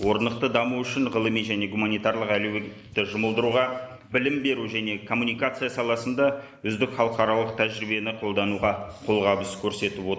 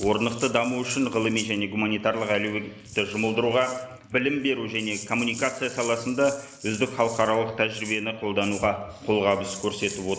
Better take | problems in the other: first | background sound (Rattle (instrument)); 17 dB below the speech

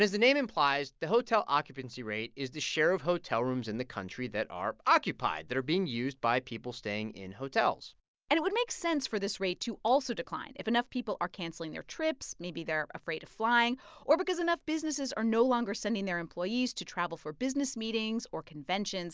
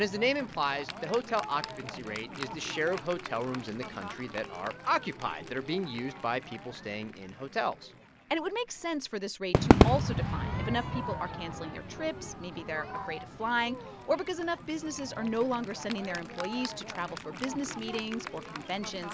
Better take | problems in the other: first | background sound (Crowd / Fireworks); 1 dB below the speech

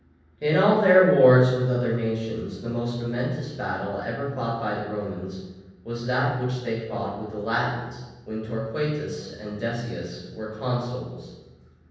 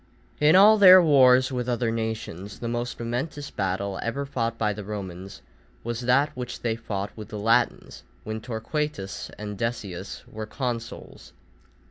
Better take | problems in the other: second | room echo; dies away in 1.1 s

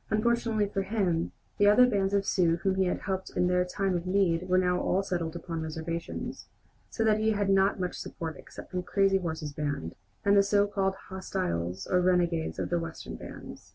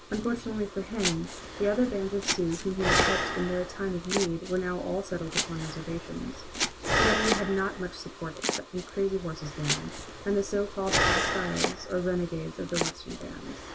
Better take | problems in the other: first | background sound (Domestic sounds, home sounds + Breathing); 1 dB below the speech

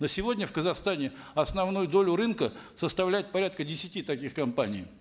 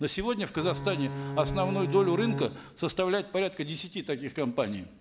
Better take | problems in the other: first | background sound (Bowed string instrument); 7 dB below the speech

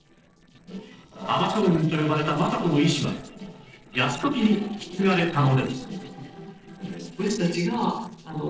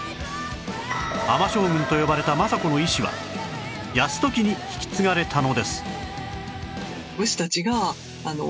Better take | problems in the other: second | noise reduction (neural separator model SepFormer DNS4)

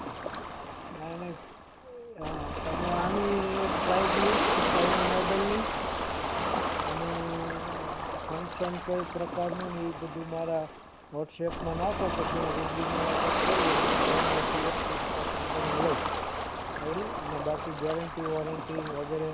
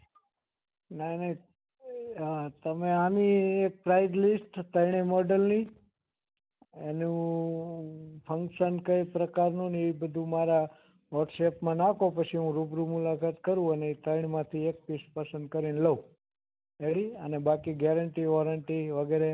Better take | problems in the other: second | background sound (Ocean); 3 dB above the speech

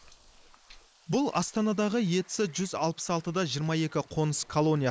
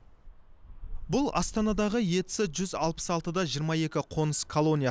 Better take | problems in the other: second | noise reduction (neural mask model Resemble Enhance denoiser)

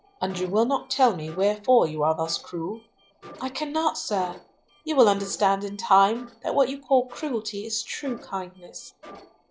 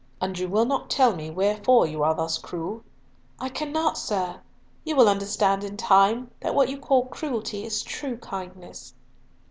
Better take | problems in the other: second | noise reduction (classical method log-MMSE)

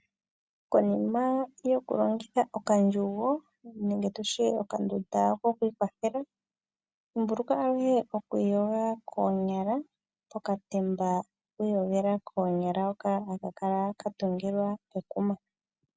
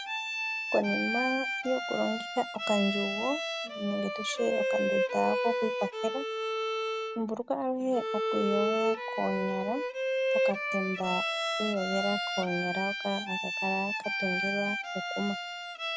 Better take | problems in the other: first | background sound (Bowed string instrument); 1 dB above the speech

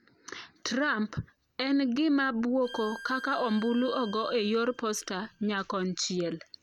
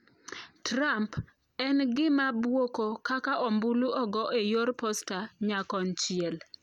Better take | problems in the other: second | background sound (Bowed string instrument); 18 dB below the speech

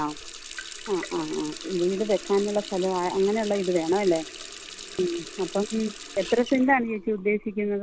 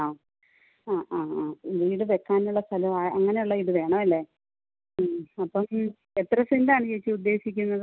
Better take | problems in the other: second | background sound (Water tap, faucet); 13 dB below the speech

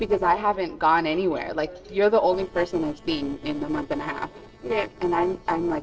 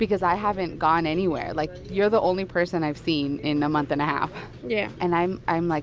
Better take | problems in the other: second | noise reduction (neural separator model SepFormer DNS4)

